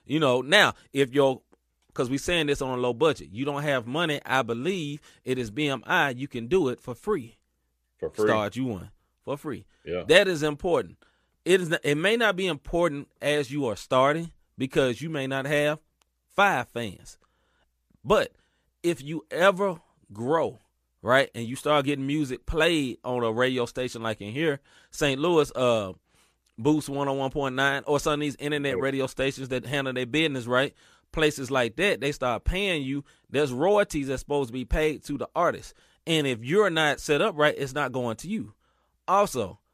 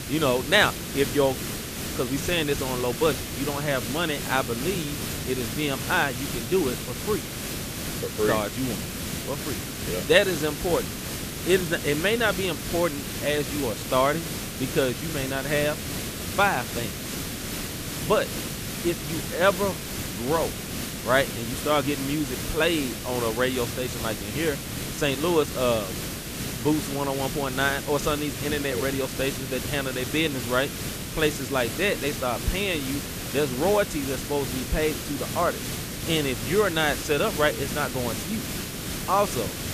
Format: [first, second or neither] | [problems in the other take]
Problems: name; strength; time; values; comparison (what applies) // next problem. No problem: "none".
first | hiss; loud; throughout; 5 dB below the speech